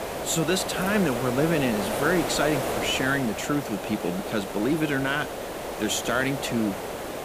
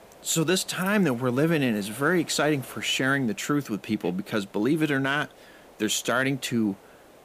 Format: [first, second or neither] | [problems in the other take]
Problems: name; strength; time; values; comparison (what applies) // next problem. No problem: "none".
second | hiss; loud; throughout; 4 dB below the speech; faint in the second